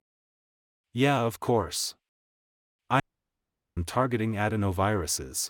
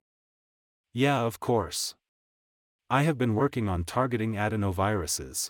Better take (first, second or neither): second